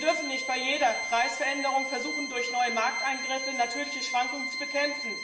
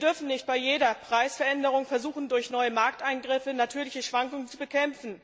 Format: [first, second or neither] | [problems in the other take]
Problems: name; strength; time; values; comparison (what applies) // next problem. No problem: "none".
second | background sound (Organ); 4 dB below the speech // room echo; dies away in 1.3 s